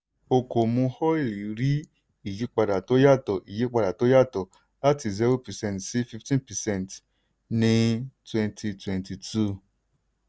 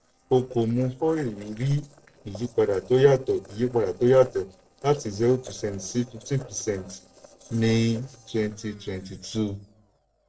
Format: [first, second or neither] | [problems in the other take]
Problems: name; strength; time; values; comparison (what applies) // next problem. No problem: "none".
first | noise reduction (neural separator model SepFormer DNS4)